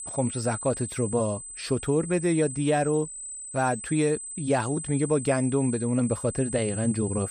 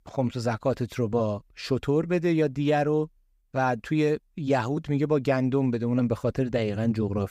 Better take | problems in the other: second | high-pitched whine; loud; throughout; 8 kHz, 8 dB below the speech

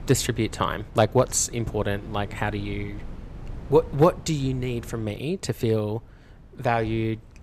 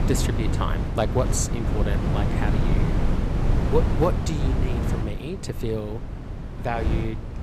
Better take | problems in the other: first | wind noise on the microphone; heavy; 4 dB below the speech; occasional gusts in the first

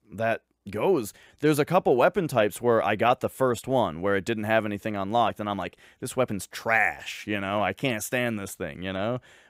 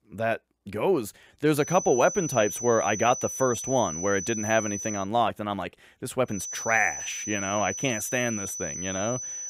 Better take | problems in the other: first | high-pitched whine; loud; from 1.5 to 5 s and from 6.5 s on; 6 kHz, 6 dB below the speech

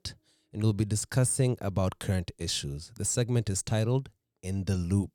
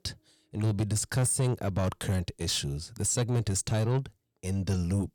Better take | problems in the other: first | distortion; slight; 10 dB below the speech

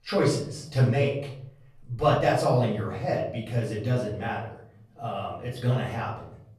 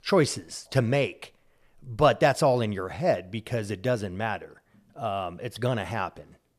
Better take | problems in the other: second | off-mic speech; far // room echo; noticeable; dies away in 0.6 s

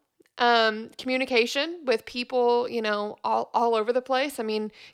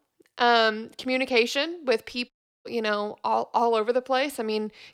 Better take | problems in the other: first | audio cutting out; at 2.5 s

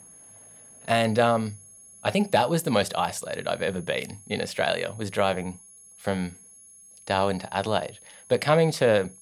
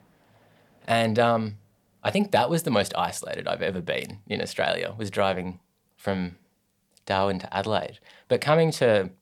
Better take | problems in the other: second | high-pitched whine; faint; throughout; 11 kHz, 20 dB below the speech

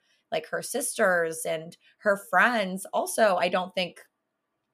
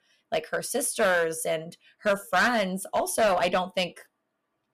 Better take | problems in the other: first | distortion; slight; 5% of the sound clipped

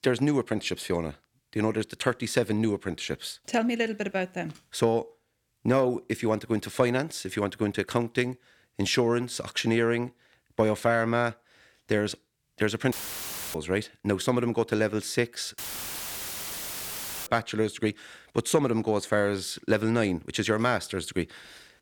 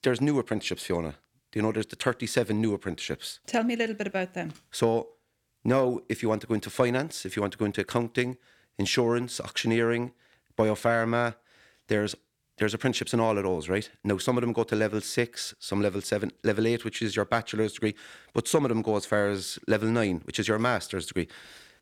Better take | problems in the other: second | audio cutting out; filled with static; at 13 s for 0.5 s and at 16 s for 1.5 s

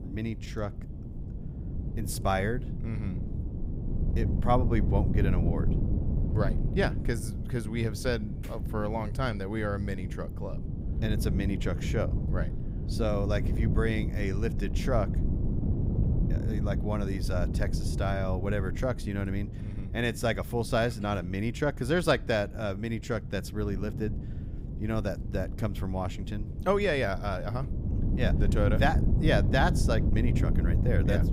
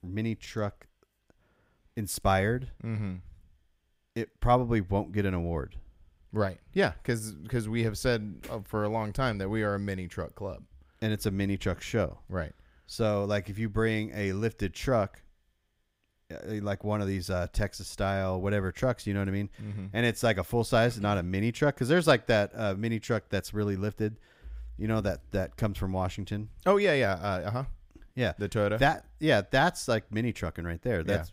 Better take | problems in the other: second | wind noise on the microphone; occasional gusts; 10 dB below the speech

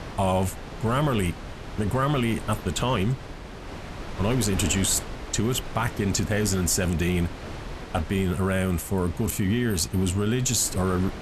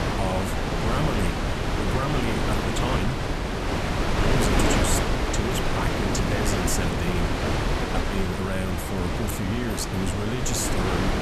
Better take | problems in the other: first | wind noise on the microphone; heavy; 5 dB above the speech; occasional gusts in the first

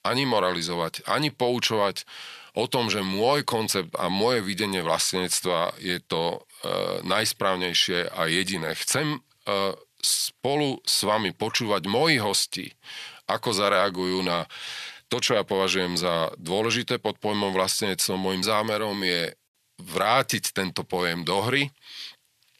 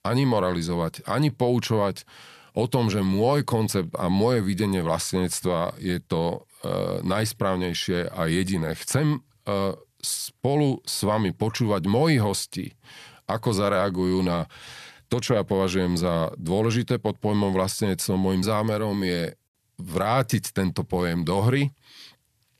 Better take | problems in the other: second | thin; somewhat; fading below 500 Hz

